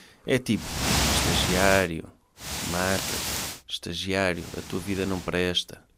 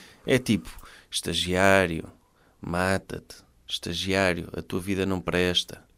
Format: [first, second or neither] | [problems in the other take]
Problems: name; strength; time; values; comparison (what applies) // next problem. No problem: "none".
second | wind noise on the microphone; heavy; from 0.5 to 2 s, from 2.5 to 3.5 s and at 4.5 s; as loud as the speech